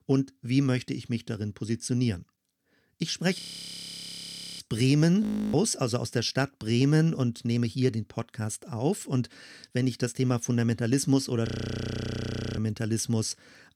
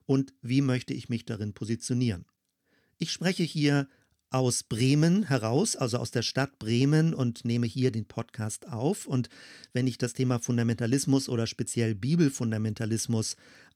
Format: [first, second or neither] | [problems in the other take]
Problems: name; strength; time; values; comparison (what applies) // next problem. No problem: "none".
second | audio freezing; at 3.5 s for 1 s, at 5 s and at 11 s for 1 s